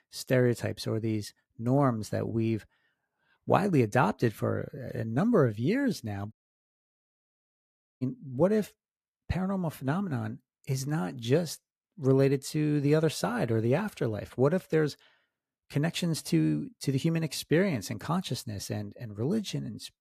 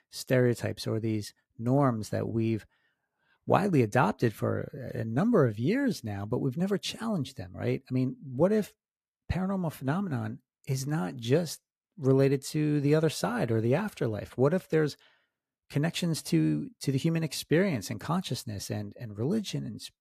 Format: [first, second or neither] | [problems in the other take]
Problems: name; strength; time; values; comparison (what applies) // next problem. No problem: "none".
second | audio cutting out; at 6.5 s for 1.5 s